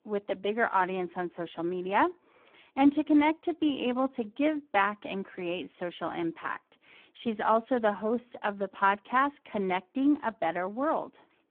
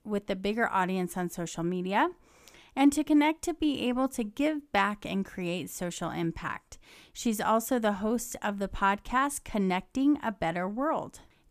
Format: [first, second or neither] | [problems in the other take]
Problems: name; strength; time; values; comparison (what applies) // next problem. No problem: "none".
second | phone-call audio; poor line